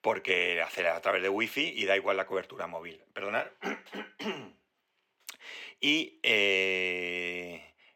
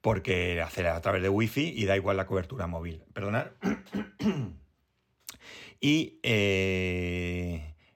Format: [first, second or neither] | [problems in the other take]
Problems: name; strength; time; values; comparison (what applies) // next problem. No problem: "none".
second | thin; somewhat; fading below 400 Hz